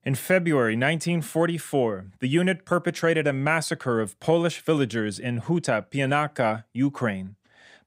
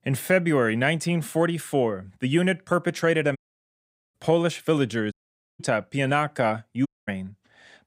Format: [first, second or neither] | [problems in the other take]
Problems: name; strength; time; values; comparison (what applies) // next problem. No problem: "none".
first | audio cutting out; at 3.5 s for 1 s, at 5 s and at 7 s